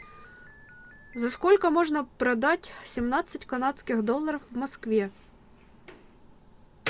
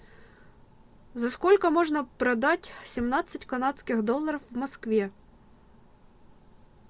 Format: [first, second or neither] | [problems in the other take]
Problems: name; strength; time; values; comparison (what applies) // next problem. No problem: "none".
second | background sound (Slam); 19 dB below the speech